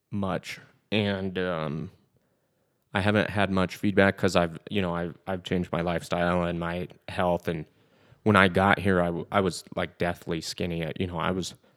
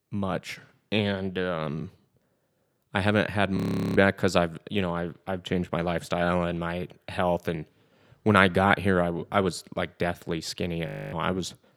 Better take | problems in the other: first | audio freezing; at 3.5 s and at 11 s

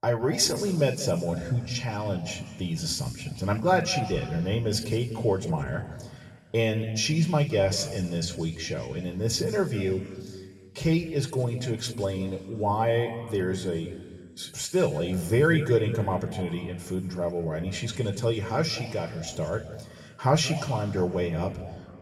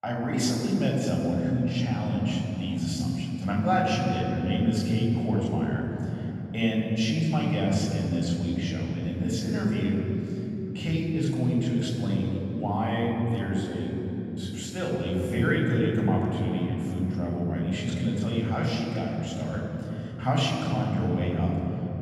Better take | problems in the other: first | room echo; strong; dies away in 3 s; slight in the first // off-mic speech; far; somewhat distant in the first

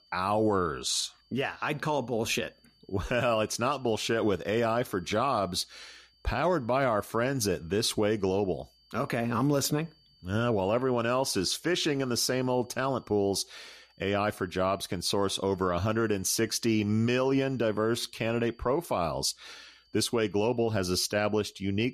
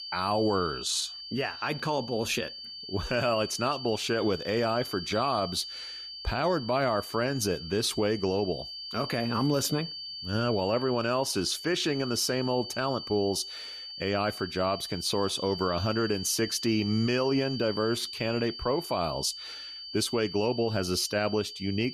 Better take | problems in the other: first | high-pitched whine; loud; throughout; 4.5 kHz, 9 dB below the speech; faint in the first

